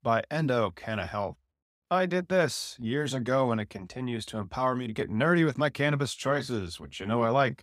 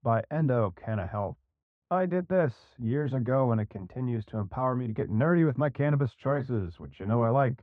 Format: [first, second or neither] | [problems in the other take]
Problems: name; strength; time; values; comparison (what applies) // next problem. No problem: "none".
first | muffled; very; fading above 1 kHz